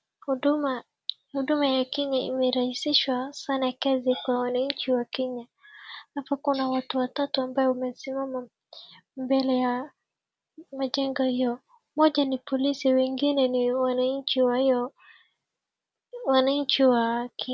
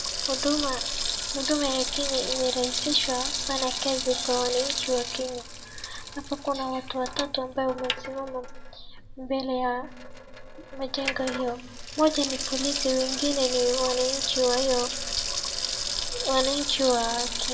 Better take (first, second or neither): first